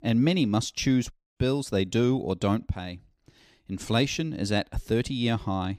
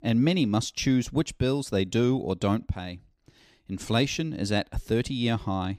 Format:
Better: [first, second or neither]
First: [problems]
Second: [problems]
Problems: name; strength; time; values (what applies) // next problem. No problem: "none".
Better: second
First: audio cutting out; at 1 s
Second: none